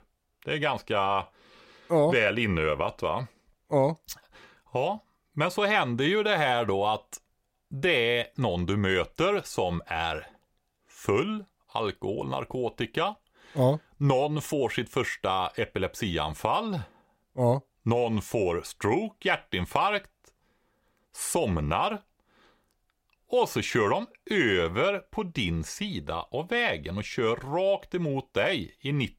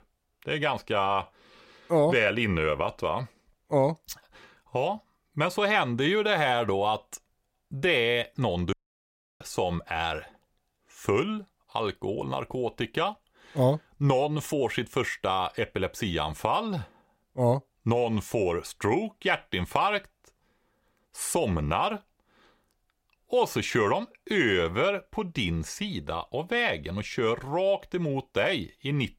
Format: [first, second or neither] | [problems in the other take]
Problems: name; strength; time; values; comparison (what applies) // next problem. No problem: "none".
first | audio cutting out; at 8.5 s for 0.5 s